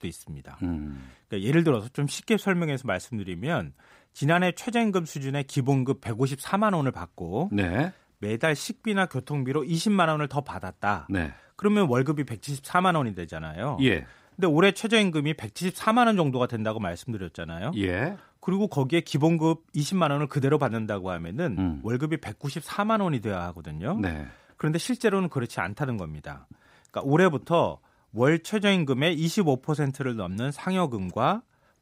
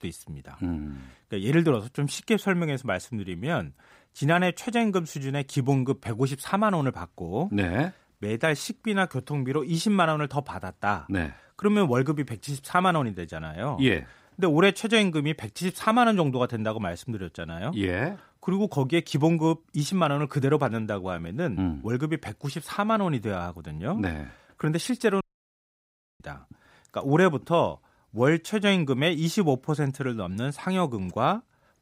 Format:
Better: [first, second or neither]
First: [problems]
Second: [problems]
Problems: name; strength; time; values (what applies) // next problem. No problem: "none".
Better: first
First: none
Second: audio cutting out; at 25 s for 1 s